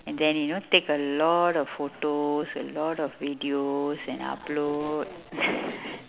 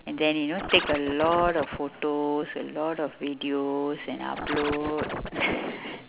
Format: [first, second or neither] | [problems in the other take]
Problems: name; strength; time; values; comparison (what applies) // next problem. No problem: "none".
first | background sound (Scratching (performance technique)); 6 dB below the speech